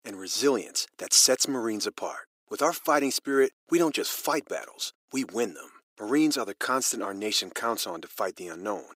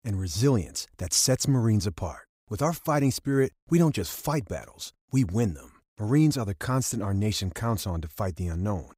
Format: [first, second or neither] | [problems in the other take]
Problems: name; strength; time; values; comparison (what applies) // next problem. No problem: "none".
second | thin; somewhat; fading below 350 Hz